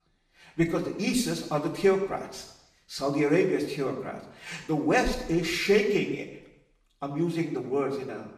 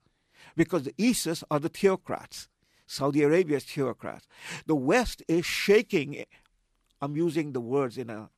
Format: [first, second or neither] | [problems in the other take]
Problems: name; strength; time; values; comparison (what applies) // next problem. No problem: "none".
second | room echo; slight; dies away in 0.8 s // off-mic speech; far